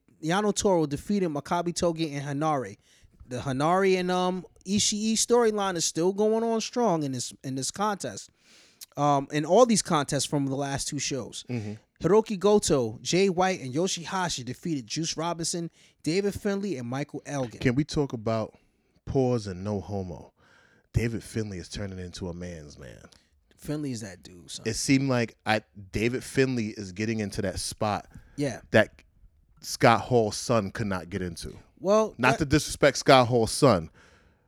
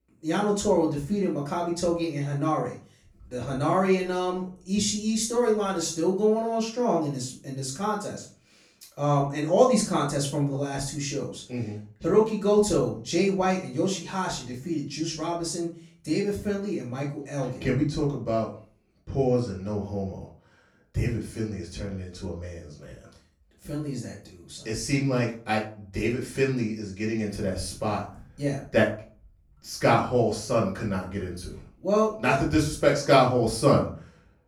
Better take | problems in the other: first | room echo; slight; dies away in 0.3 s // off-mic speech; far

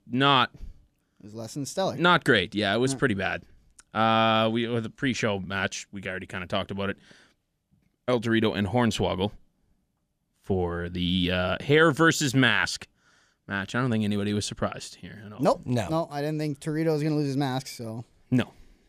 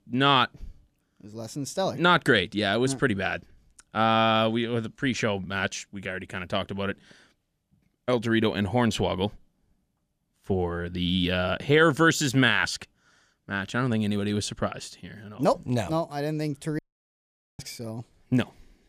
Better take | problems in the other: first | audio cutting out; at 17 s for 1 s

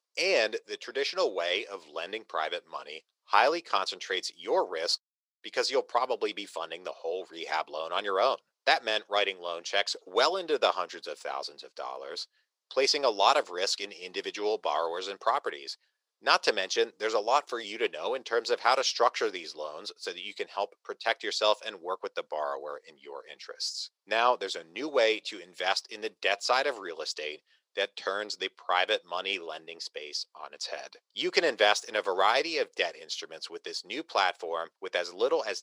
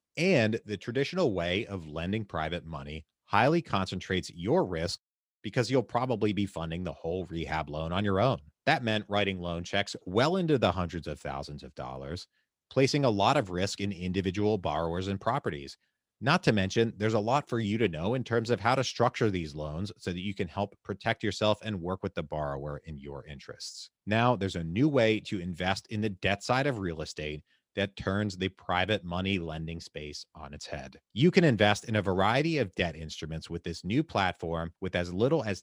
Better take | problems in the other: second | thin; very; fading below 450 Hz

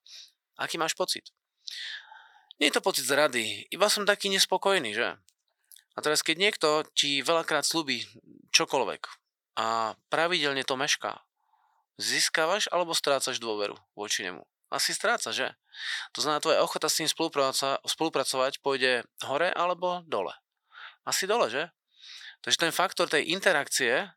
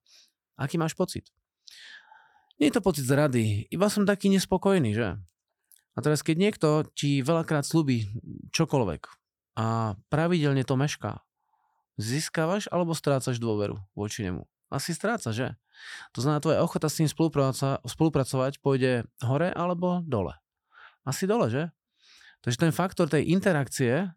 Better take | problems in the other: second | thin; very; fading below 600 Hz

